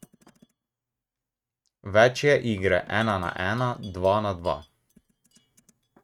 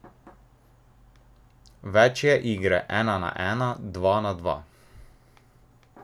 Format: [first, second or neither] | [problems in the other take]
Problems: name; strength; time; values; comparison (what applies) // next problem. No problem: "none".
second | noise reduction (neural mask model RNNoise)